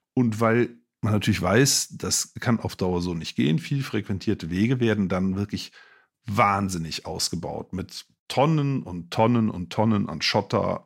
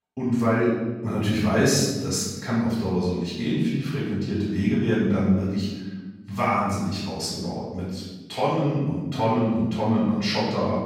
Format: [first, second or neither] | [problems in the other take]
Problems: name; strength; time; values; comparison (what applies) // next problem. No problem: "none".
first | off-mic speech; far // room echo; strong; dies away in 1.2 s